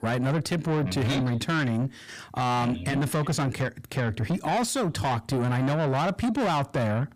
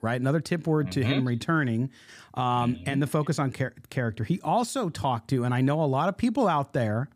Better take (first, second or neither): second